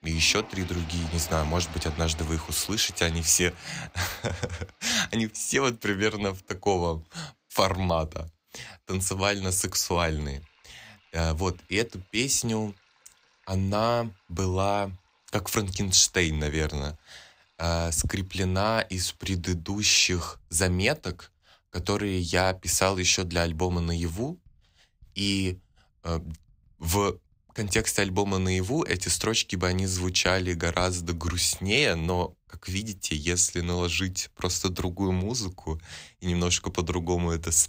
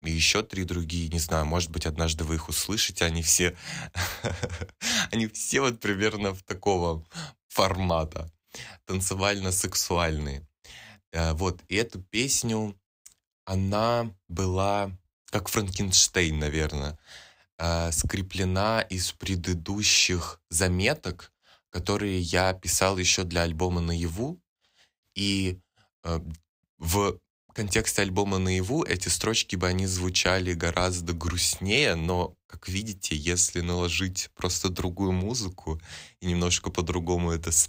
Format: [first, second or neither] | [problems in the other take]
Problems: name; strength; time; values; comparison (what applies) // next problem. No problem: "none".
second | household noises; faint; throughout; 20 dB below the speech